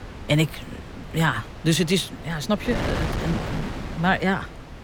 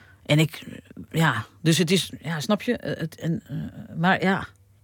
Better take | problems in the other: second | wind noise on the microphone; heavy; 10 dB below the speech

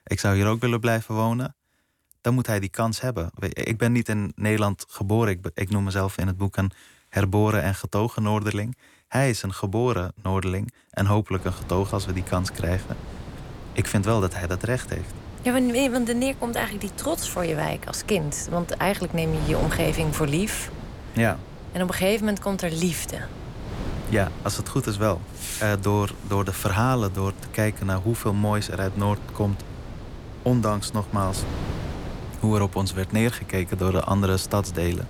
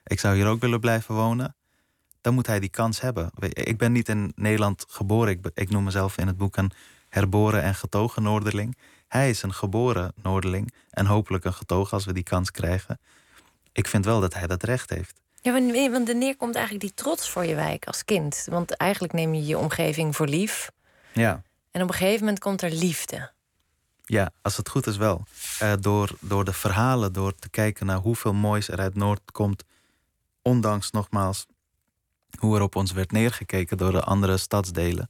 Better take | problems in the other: second | wind noise on the microphone; occasional gusts; from 11 s on; 15 dB below the speech

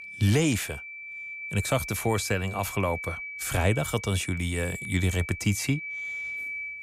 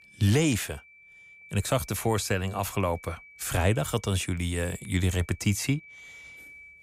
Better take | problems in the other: second | high-pitched whine; loud; throughout; 2.5 kHz, 8 dB below the speech; faint in the second

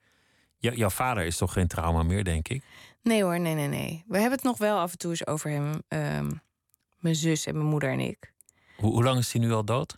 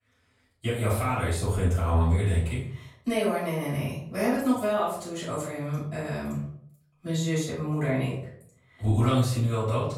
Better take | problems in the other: first | off-mic speech; far // room echo; noticeable; dies away in 0.5 s

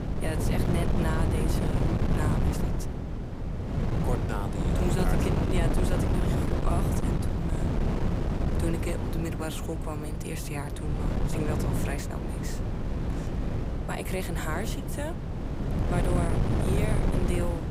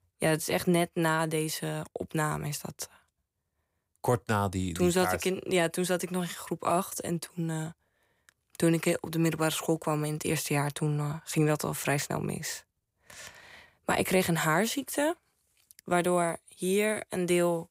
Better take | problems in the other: second | wind noise on the microphone; heavy; 1 dB above the speech

